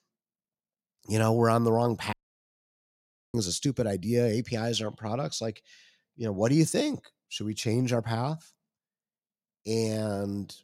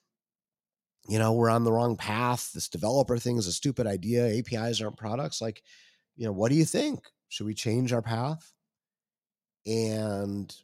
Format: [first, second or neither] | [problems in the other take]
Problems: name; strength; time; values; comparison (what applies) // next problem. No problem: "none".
second | audio cutting out; at 2 s for 1 s